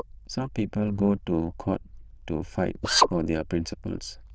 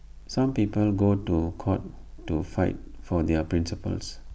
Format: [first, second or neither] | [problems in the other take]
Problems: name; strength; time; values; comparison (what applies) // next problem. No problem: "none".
second | noise reduction (neural diffusion model UNIVERSE++)